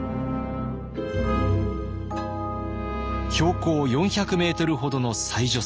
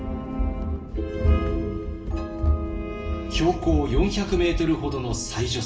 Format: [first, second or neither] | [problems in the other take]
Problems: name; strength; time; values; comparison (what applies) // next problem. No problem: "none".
first | background sound (Run); 1 dB below the speech // room echo; dies away in 0.7 s